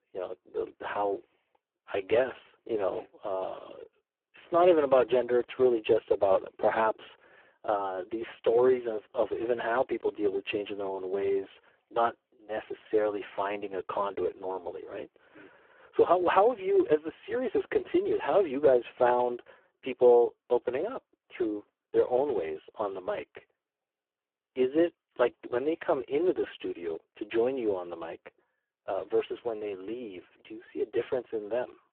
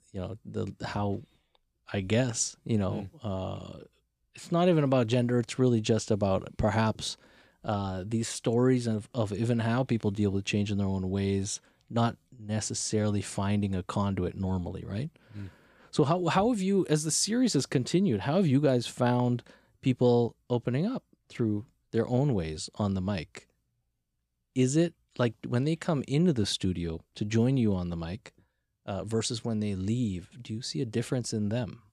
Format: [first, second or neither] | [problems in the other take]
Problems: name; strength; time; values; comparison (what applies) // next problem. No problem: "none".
second | phone-call audio; poor line